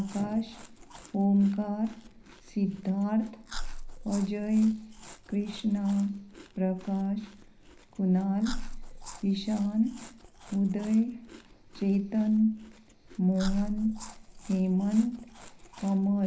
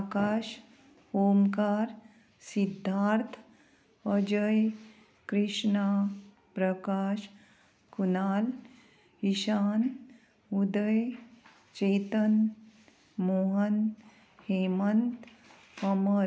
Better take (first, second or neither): second